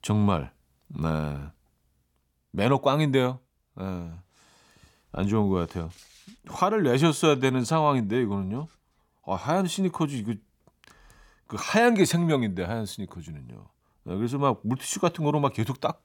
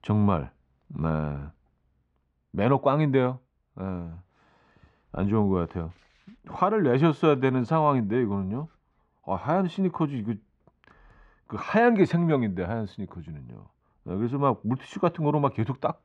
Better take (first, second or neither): first